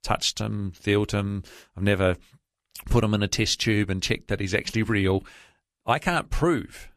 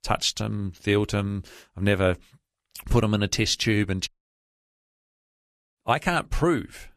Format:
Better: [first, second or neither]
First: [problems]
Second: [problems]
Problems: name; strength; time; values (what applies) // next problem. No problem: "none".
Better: first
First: none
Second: audio cutting out; at 4 s for 1.5 s